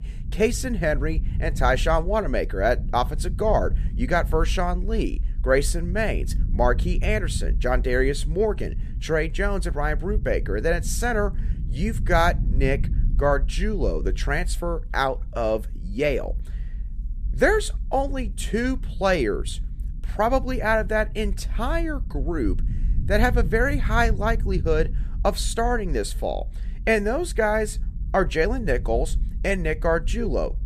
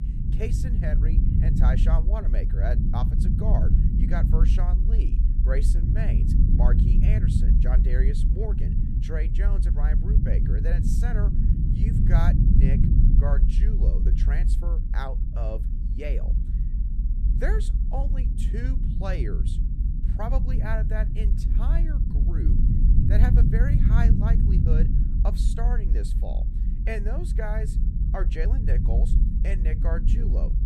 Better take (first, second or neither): first